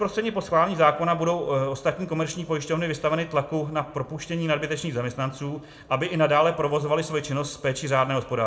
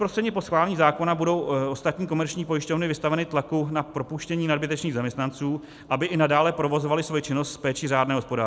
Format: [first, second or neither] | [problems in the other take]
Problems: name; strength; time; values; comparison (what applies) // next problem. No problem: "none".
second | room echo; dies away in 0.4 s